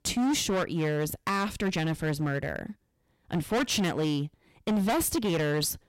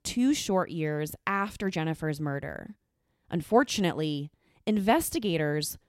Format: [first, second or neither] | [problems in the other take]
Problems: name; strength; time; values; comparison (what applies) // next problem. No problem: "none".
second | distortion; heavy; 17% of the sound clipped